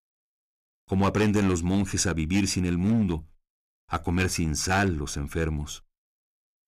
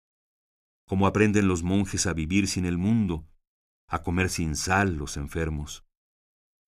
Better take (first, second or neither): second